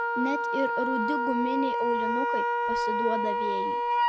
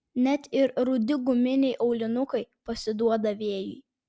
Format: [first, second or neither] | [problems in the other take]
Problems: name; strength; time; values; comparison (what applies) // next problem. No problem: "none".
second | background sound (Wind instrument, woodwind instrument); 4 dB above the speech